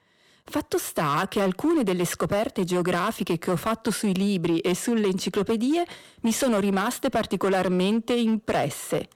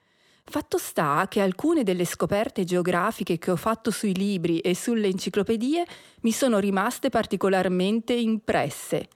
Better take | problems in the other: second | distortion; slight; 11% of the sound clipped

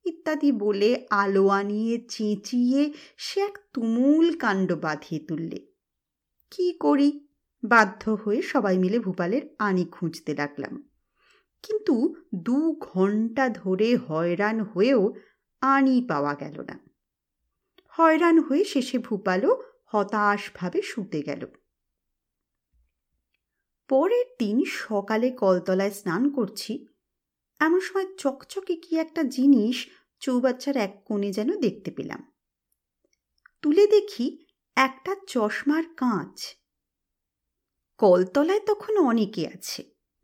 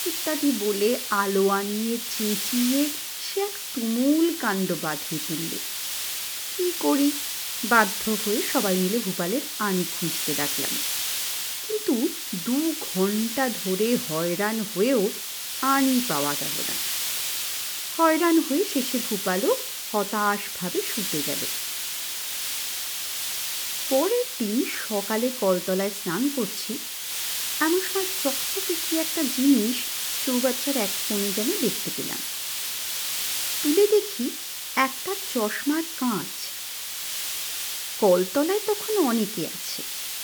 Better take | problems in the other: first | hiss; loud; throughout; 2 dB below the speech

